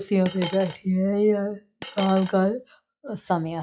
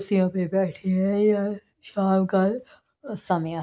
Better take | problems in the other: second | noise reduction (classical method log-MMSE)

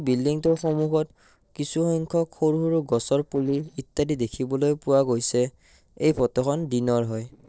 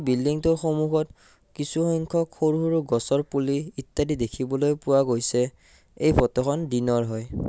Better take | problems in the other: second | noise reduction (neural separator model SepFormer DNS4)

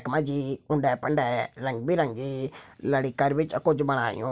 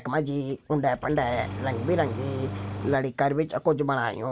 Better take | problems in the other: first | background sound (Engine starting); 8 dB below the speech

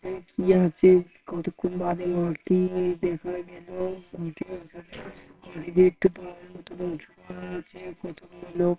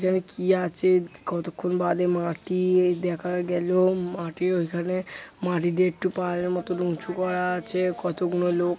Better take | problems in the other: second | noise reduction (neural separator model SepFormer WHAMR!)

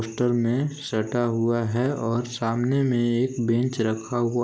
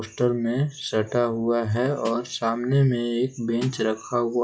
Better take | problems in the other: first | noise reduction (classical method WPE with log-MMSE)

